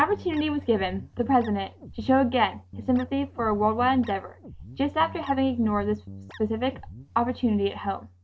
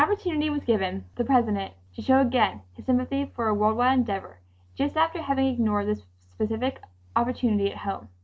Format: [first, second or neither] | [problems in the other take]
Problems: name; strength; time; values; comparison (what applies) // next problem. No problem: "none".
second | background sound (Guitar); 18 dB below the speech